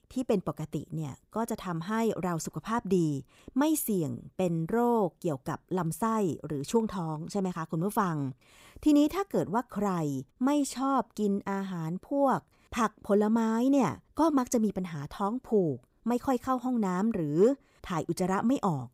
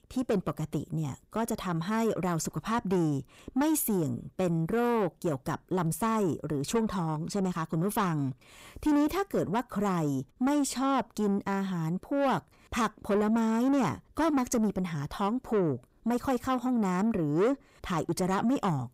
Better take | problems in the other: first | distortion; slight; 10 dB below the speech

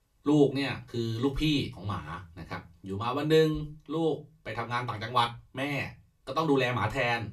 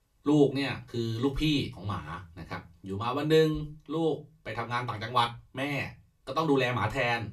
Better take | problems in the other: neither | off-mic speech; far; the same in both // room echo; very slight; dies away in 0.2 s; the same in both

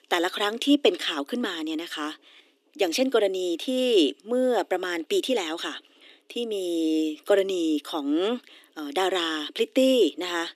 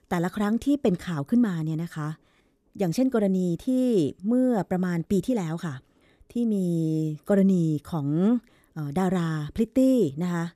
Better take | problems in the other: second | thin; somewhat; fading below 300 Hz

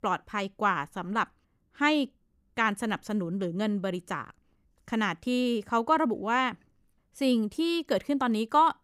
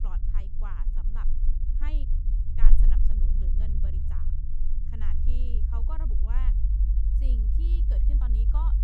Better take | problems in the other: first | low rumble; loud; throughout; 1 dB below the speech

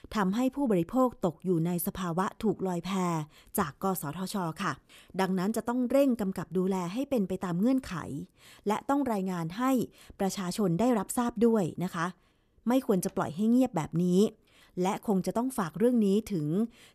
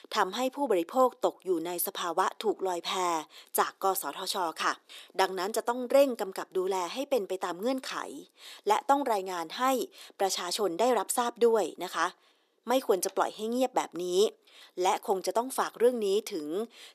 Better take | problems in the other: first | thin; very; fading below 350 Hz

